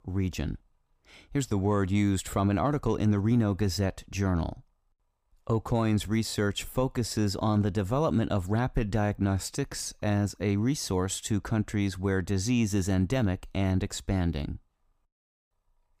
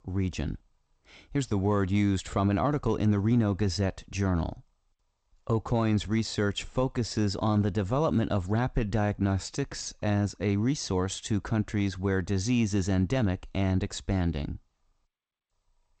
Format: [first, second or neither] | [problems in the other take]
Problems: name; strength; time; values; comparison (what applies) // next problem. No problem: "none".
first | garbled, watery; slightly; nothing above 8 kHz